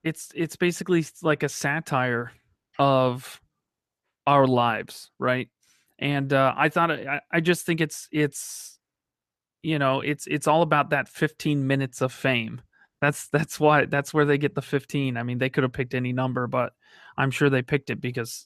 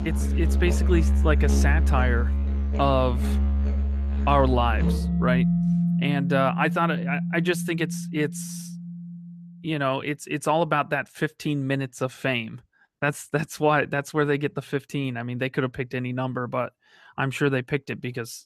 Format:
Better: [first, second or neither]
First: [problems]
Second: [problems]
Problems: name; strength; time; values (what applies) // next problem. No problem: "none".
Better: first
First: none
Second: background music; very loud; until 9.5 s; 2 dB above the speech